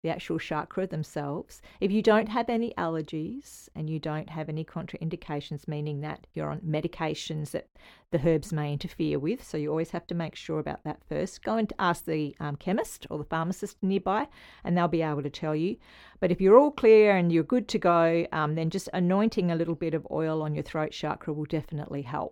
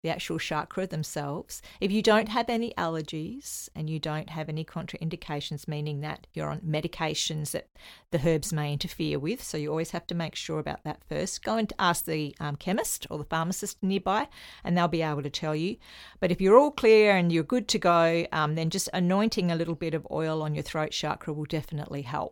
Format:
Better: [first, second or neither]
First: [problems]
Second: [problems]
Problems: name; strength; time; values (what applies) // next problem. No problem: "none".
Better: second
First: muffled; slightly; fading above 3 kHz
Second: none